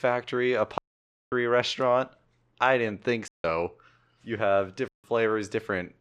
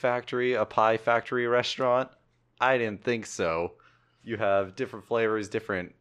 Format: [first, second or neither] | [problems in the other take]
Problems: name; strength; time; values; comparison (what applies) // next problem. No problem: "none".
second | audio cutting out; at 1 s for 0.5 s, at 3.5 s and at 5 s